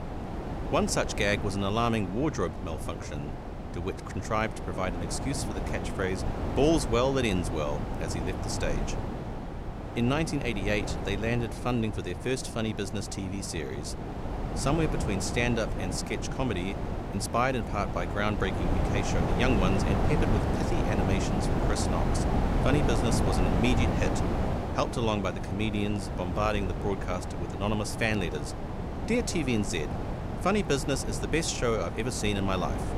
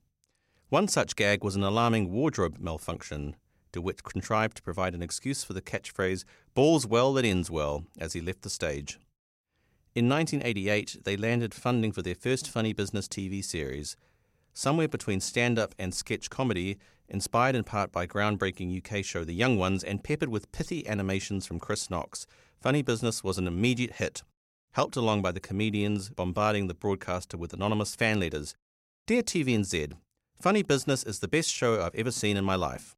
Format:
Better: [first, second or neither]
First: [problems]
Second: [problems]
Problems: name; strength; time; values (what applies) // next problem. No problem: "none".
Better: second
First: wind noise on the microphone; heavy; 5 dB below the speech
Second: none